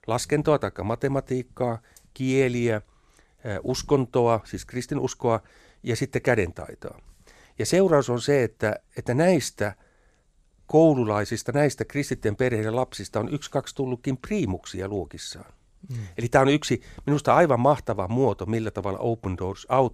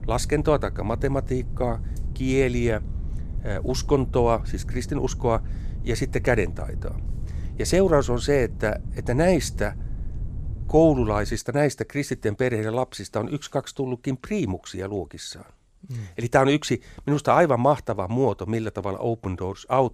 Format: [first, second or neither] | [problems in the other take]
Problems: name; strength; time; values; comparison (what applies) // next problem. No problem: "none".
first | wind noise on the microphone; occasional gusts; until 11 s; 25 dB below the speech